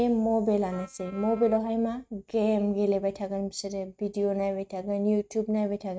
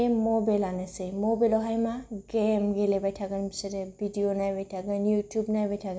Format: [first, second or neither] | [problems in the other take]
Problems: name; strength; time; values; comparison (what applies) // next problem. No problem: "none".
second | noise reduction (neural mask model RNNoise)